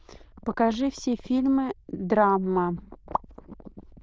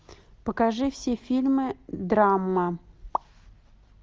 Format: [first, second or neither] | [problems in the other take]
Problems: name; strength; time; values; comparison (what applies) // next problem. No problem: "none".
second | noise reduction (neural diffusion model UNIVERSE++)